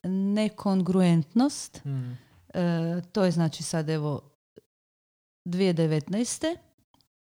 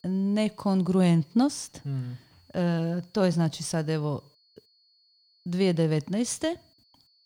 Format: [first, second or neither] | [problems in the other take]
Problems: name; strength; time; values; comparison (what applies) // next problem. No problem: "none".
first | high-pitched whine; faint; throughout; 4.5 kHz, 35 dB below the speech